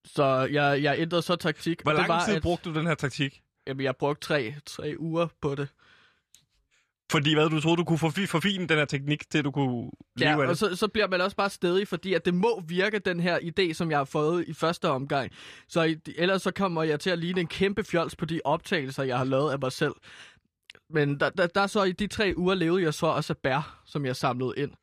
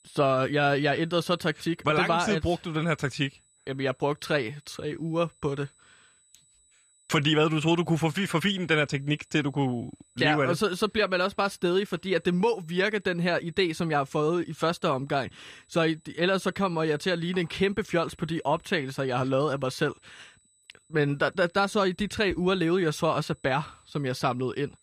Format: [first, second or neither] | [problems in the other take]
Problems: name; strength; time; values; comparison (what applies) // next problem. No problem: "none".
first | high-pitched whine; faint; throughout; 8 kHz, 35 dB below the speech